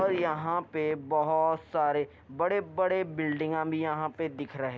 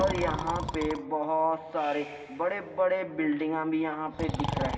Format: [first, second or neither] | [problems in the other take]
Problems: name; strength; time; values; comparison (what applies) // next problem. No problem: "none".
first | background sound (Breathing); 7 dB below the speech // room echo; dies away in 1.7 s